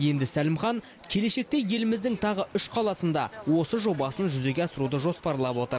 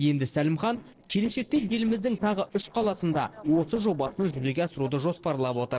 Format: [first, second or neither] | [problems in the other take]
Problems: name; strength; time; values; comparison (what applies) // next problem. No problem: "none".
first | noise reduction (neural separator model SepFormer DNS4)